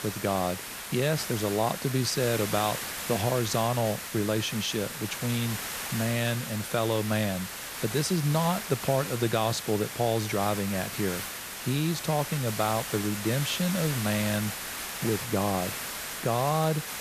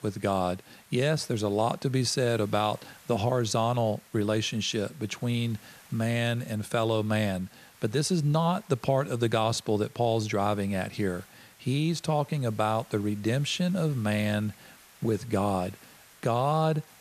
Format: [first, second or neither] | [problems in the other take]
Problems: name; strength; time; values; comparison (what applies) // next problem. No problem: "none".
second | hiss; loud; throughout; 5 dB below the speech; faint in the second